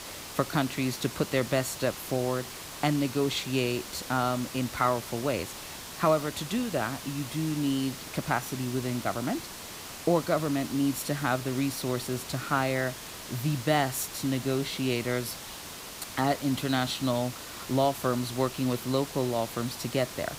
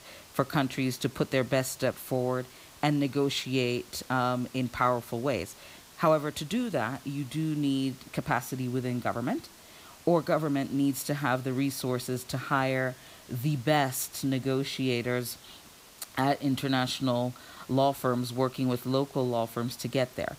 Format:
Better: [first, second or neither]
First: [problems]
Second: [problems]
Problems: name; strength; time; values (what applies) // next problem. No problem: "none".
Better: second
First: hiss; loud; throughout; 10 dB below the speech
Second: hiss; faint; throughout; 20 dB below the speech